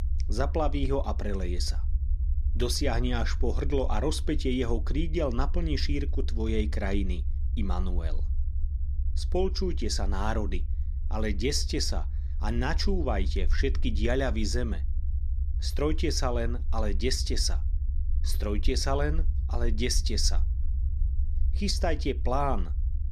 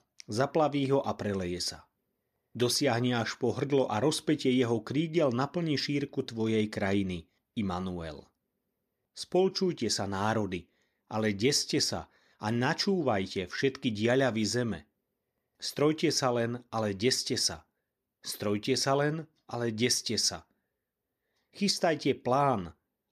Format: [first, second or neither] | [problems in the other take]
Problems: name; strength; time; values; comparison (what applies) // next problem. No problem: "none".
second | low rumble; noticeable; throughout; 20 dB below the speech